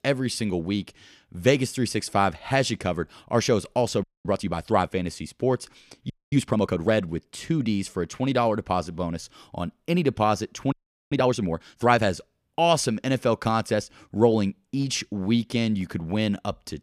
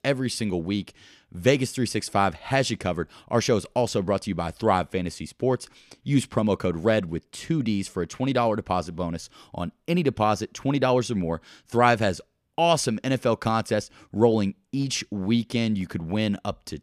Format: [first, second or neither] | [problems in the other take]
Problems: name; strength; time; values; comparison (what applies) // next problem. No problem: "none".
second | audio freezing; at 4 s, at 6 s and at 11 s